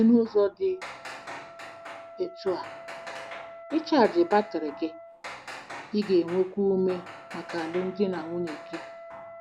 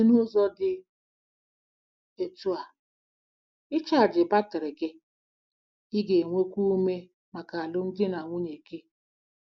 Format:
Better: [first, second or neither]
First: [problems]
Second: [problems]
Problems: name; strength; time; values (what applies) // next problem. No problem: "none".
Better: second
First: background sound (Hammer + Wind instrument, woodwind instrument); 14 dB below the speech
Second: none